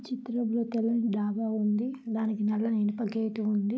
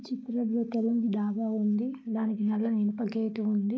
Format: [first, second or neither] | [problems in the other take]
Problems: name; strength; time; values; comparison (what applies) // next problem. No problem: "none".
first | noise reduction (neural mask model Resemble Enhance denoiser)